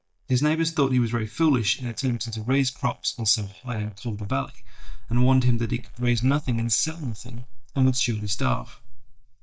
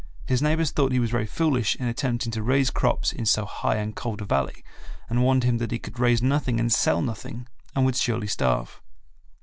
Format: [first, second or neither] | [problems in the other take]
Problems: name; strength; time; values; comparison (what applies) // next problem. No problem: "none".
second | noise reduction (neural mask model DeepFilterNet 3)